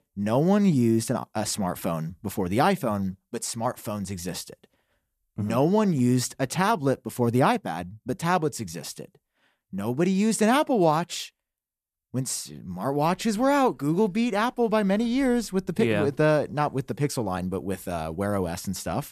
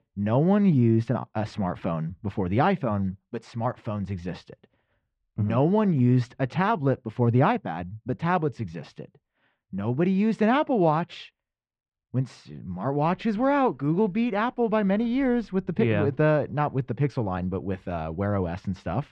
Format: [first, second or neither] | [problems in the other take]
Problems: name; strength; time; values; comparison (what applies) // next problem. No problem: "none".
first | muffled; very; fading above 3 kHz